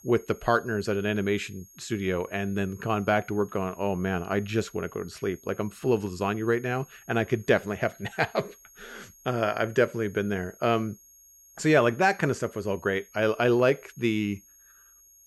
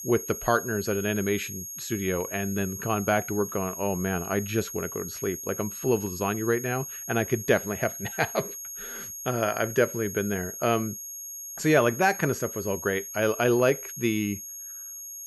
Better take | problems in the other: first | high-pitched whine; loud; throughout; 6.5 kHz, 8 dB below the speech; faint in the first

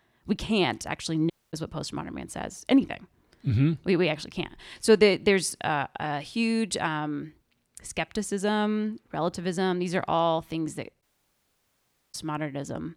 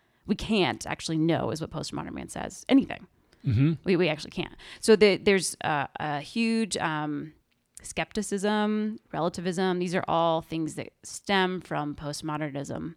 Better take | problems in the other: second | audio cutting out; at 1.5 s and at 11 s for 1 s

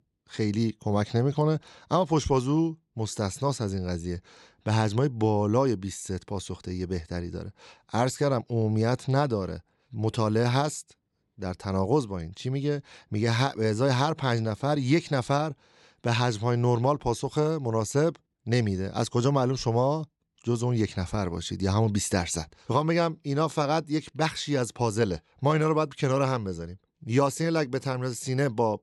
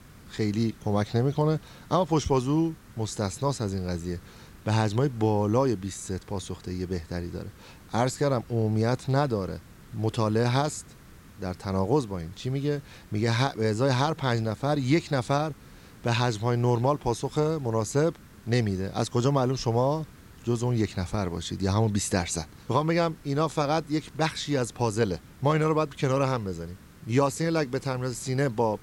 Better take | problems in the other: first | hiss; faint; throughout; 25 dB below the speech

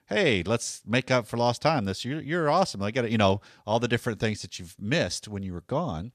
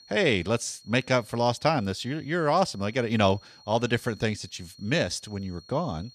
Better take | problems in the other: first | high-pitched whine; faint; throughout; 4.5 kHz, 25 dB below the speech

